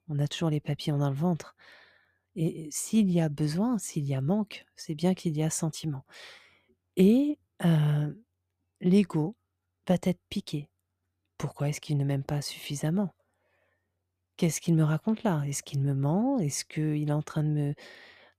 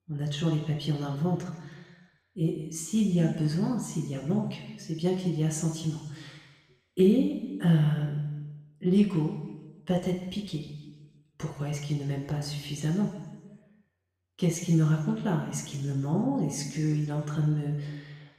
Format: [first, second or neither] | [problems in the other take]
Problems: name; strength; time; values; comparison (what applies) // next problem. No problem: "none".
first | room echo; noticeable; dies away in 1.3 s // off-mic speech; somewhat distant